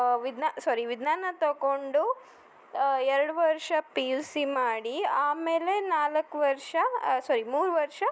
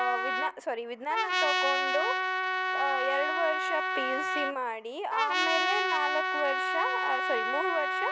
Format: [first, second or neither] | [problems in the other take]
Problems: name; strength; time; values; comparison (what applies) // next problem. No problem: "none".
first | background sound (Trumpet); 3 dB above the speech